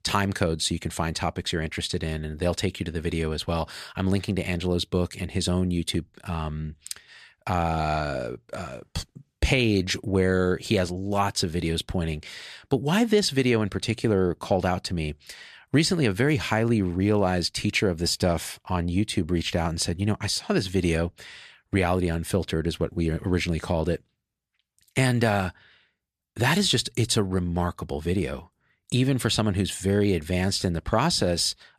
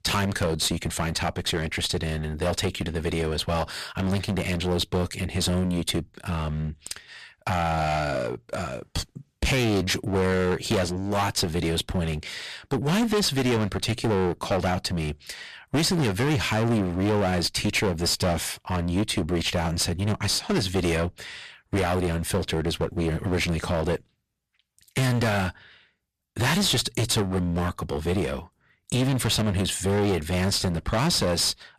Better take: first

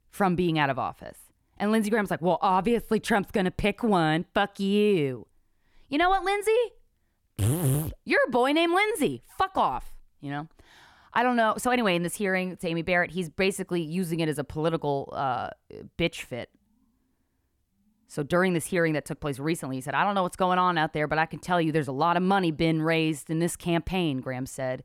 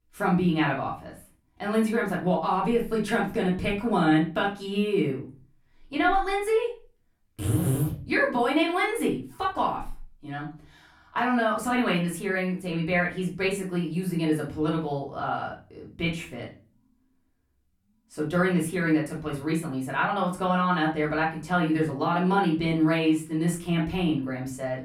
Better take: first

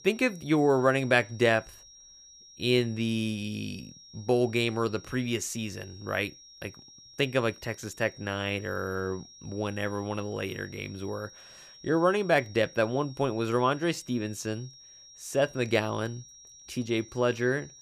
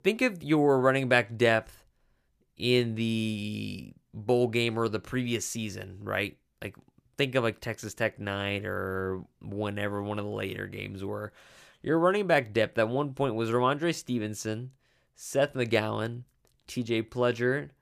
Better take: second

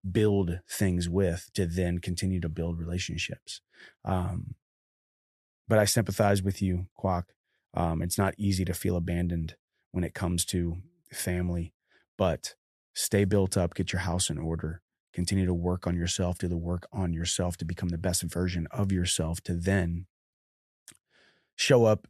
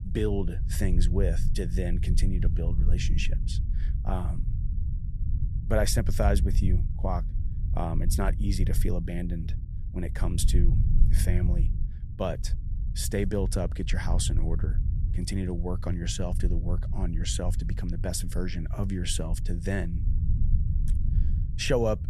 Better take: first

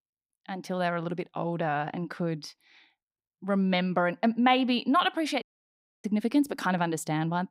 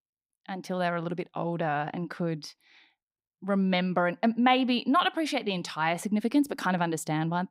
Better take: second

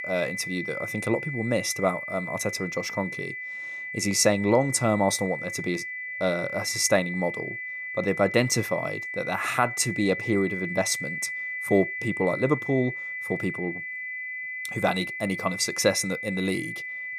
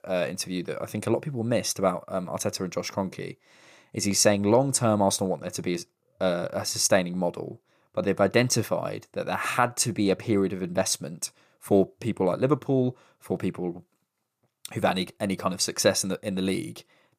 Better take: second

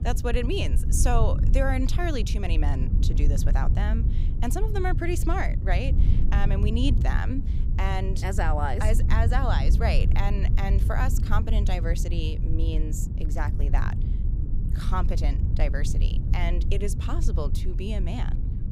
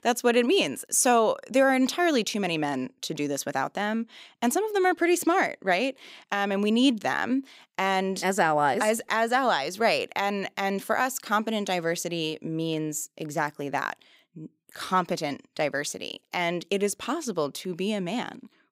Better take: second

